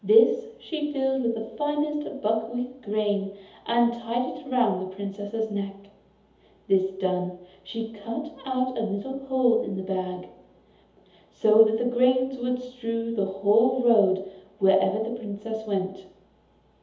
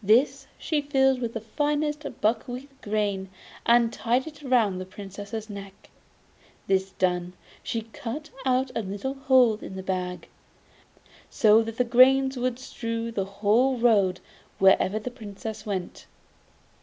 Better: second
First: room echo; dies away in 0.8 s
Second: none

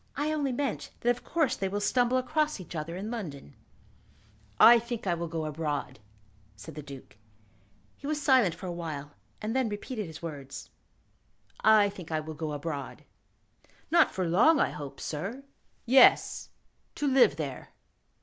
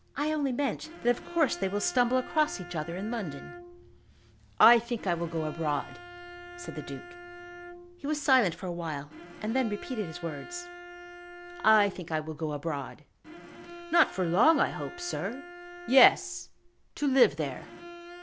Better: first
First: none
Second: background sound (Bowed string instrument); 16 dB below the speech

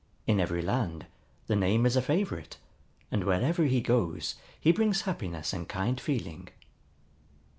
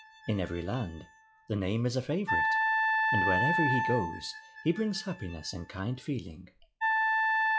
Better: first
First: none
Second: noise reduction (classical method log-MMSE)

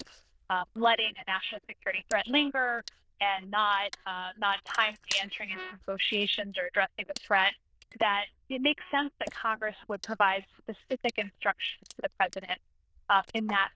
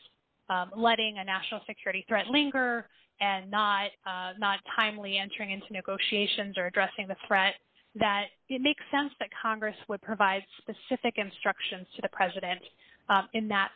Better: second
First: noise reduction (neural diffusion model UNIVERSE++)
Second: none

